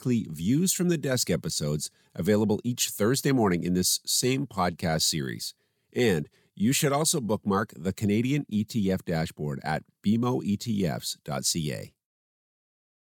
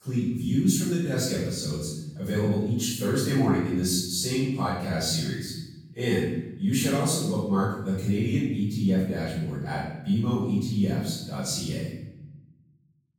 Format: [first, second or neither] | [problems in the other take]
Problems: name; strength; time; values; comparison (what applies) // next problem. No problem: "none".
first | off-mic speech; far // room echo; strong; dies away in 0.9 s